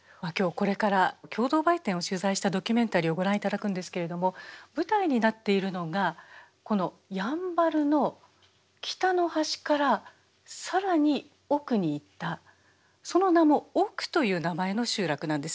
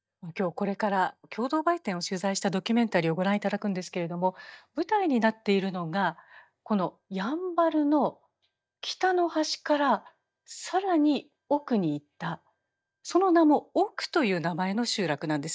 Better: first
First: none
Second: noise reduction (neural mask model DeepFilterNet 3)

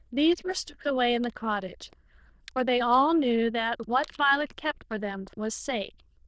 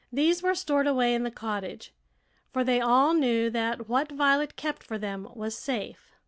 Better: second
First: noise reduction (neural diffusion model UNIVERSE++)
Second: none

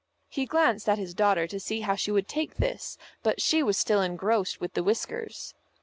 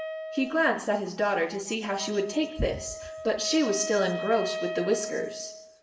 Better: first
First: none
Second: background sound (Wind instrument, woodwind instrument); 9 dB below the speech // room echo; dies away in 0.9 s

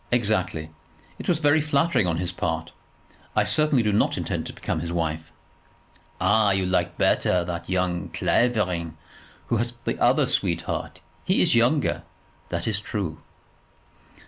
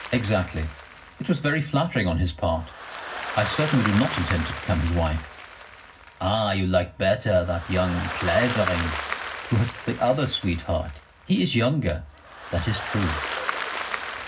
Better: first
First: none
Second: background sound (Applause); 9 dB below the speech // room echo; dies away in 0.4 s

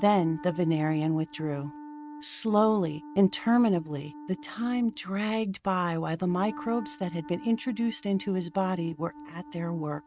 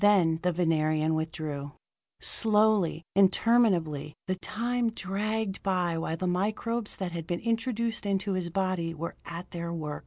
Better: second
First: noise reduction (neural mask model RNNoise)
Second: none

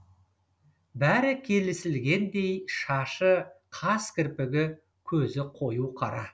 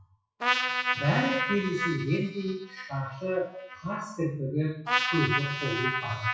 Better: first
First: none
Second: noise reduction (classical method WPE with log-MMSE)

